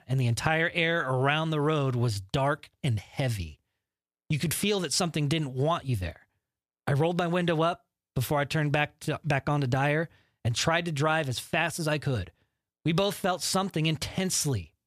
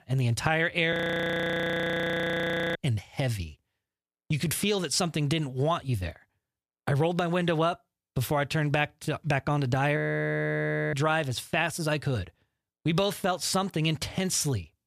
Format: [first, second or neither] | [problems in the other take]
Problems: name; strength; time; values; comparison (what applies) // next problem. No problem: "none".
first | audio freezing; at 1 s for 2 s and at 10 s for 1 s